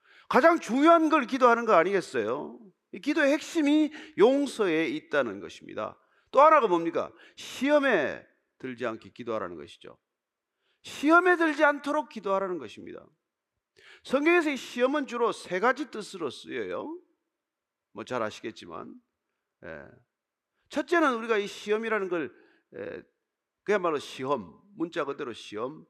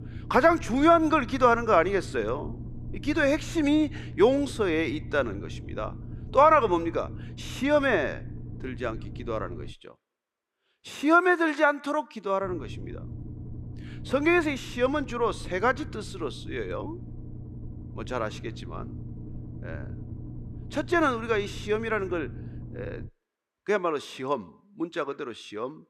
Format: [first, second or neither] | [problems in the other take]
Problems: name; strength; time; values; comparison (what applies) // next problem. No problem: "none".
first | low rumble; faint; until 9.5 s and from 12 to 23 s; 25 dB below the speech